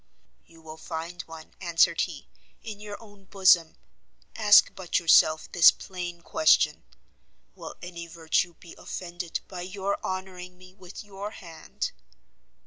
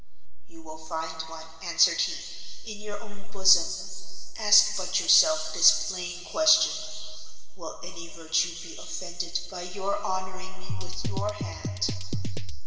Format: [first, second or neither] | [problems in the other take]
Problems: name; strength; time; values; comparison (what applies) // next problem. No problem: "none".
first | background sound (Drum kit); 8 dB below the speech // room echo; dies away in 2.3 s